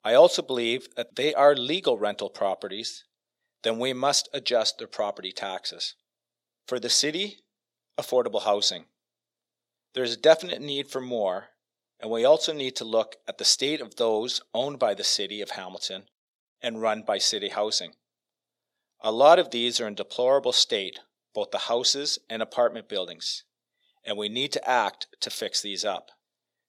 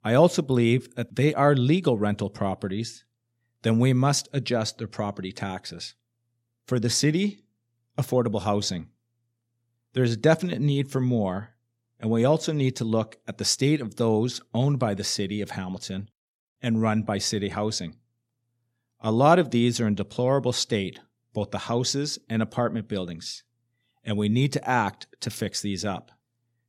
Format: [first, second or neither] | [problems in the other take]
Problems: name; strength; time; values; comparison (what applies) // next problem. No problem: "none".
second | thin; very; fading below 500 Hz